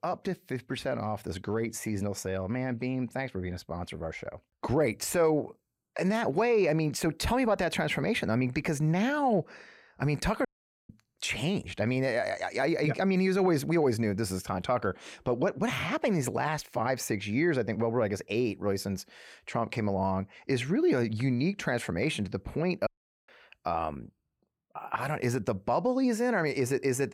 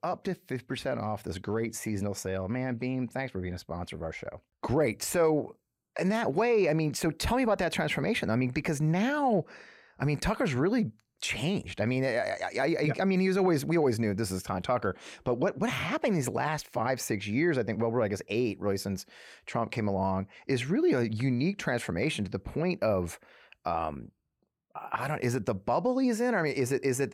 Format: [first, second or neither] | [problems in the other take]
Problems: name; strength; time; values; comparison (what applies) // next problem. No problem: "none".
second | audio cutting out; at 10 s and at 23 s